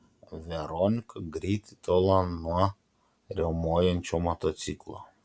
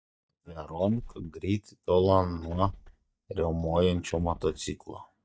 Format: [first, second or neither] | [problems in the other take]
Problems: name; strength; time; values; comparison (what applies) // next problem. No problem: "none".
first | noise reduction (neural mask model DeepFilterNet 3)